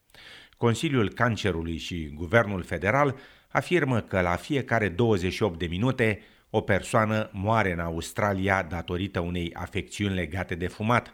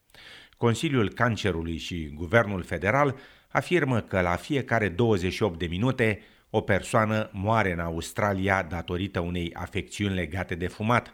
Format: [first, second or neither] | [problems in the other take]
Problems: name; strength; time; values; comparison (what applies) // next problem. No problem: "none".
neither | none